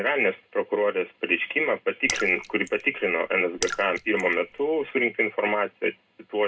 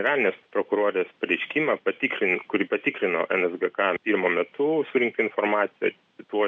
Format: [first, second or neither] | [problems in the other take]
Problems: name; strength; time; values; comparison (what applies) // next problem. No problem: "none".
second | background sound (Raindrop / Splash, splatter); 13 dB below the speech // room echo; dies away in 0.2 s